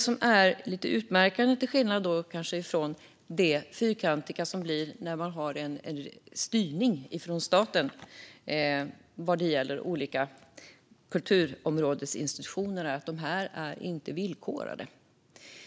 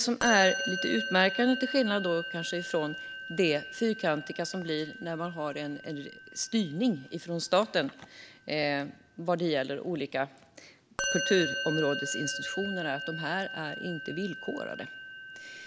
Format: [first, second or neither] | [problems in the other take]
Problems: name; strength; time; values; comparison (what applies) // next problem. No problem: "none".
first | background sound (Musical instrument); 8 dB below the speech